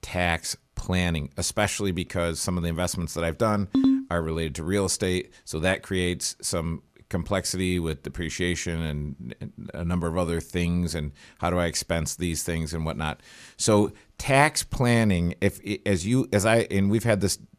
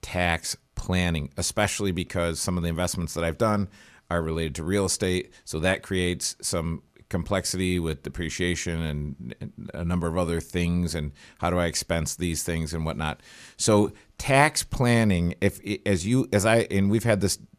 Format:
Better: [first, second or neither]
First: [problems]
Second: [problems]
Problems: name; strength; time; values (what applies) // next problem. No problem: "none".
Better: second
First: phone ringing; loud; at 3.5 s; peak 4 dB above the speech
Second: none